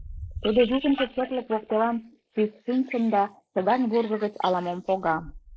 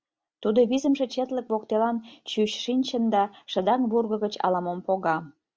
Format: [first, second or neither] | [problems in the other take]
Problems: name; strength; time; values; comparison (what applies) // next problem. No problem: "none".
second | noise reduction (neural mask model Resemble Enhance denoiser)